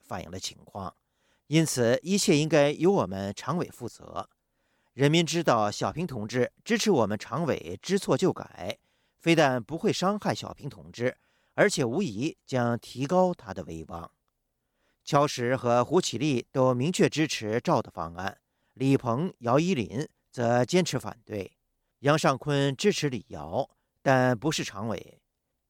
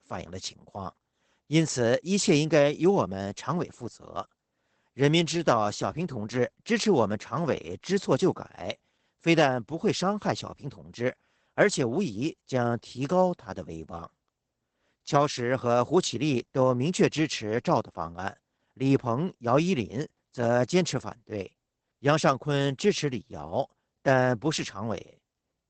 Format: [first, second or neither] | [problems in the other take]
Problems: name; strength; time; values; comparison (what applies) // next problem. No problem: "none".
first | garbled, watery; badly; nothing above 8 kHz